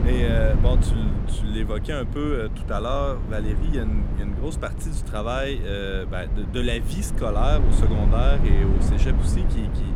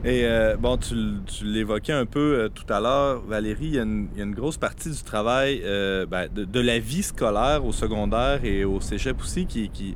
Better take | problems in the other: second | low rumble; loud; throughout; 7 dB below the speech; faint in the second

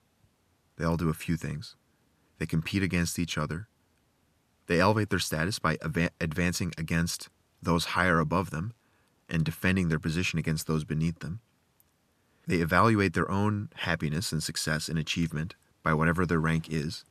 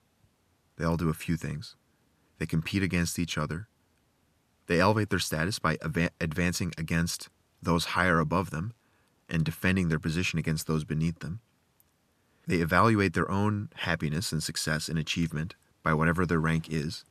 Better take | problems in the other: neither | none

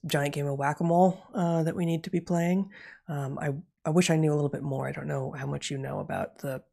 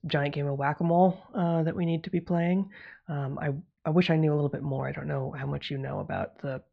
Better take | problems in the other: first | muffled; slightly; fading above 4 kHz

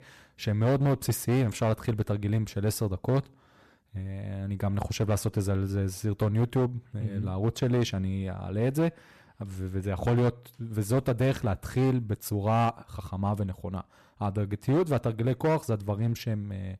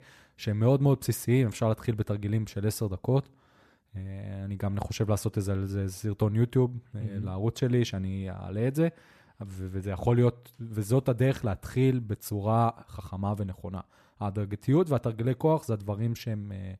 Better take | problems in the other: second | distortion; slight; 7% of the sound clipped

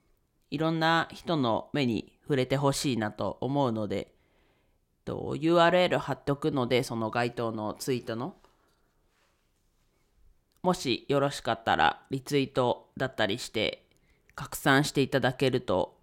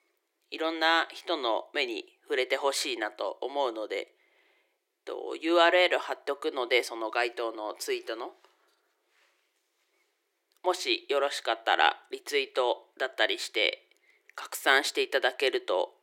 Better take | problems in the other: first | thin; very; fading below 350 Hz

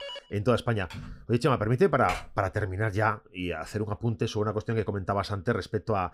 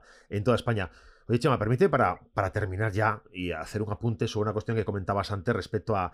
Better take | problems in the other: second | phone ringing; faint; at the start; peak 10 dB below the speech // keyboard typing; faint; at 1 s; peak 15 dB below the speech // keyboard typing; noticeable; at 2 s; peak 9 dB below the speech

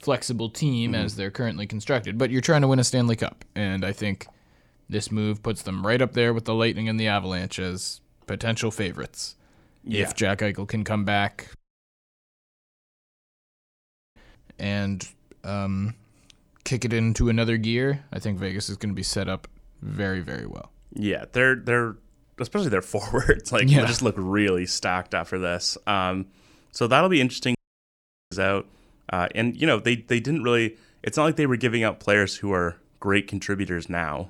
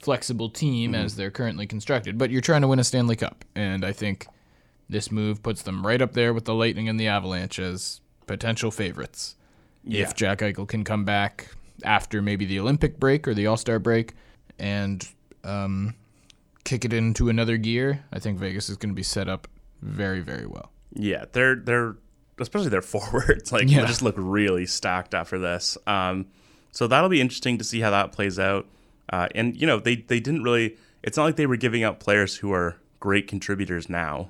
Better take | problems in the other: second | audio cutting out; at 12 s for 2.5 s and at 28 s for 1 s

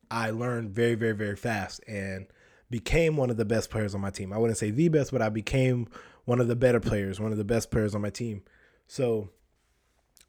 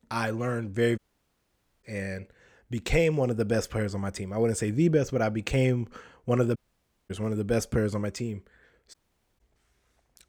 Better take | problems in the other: first | audio cutting out; at 1 s for 1 s, at 6.5 s for 0.5 s and at 9 s

